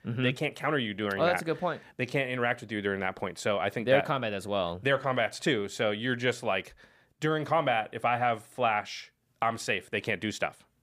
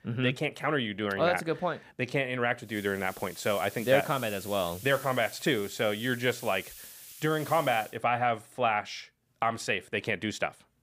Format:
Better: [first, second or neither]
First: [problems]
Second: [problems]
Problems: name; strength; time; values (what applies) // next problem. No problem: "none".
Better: first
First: none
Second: hiss; noticeable; from 2.5 to 8 s; 15 dB below the speech